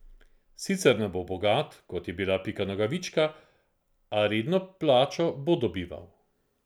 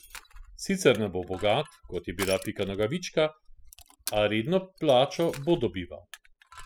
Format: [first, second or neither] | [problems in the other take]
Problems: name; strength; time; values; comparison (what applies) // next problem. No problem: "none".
first | noise reduction (classical method spectral subtraction)